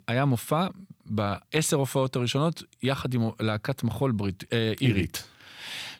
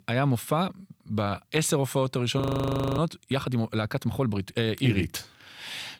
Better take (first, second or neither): first